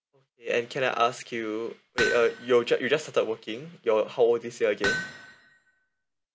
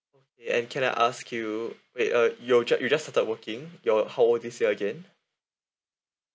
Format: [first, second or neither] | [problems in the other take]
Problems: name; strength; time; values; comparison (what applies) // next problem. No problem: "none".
second | background sound (Hammer); 7 dB below the speech